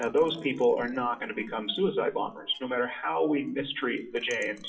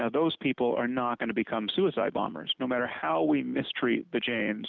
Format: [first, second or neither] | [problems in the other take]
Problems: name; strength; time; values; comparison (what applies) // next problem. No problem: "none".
second | noise reduction (classical method WPE with log-MMSE)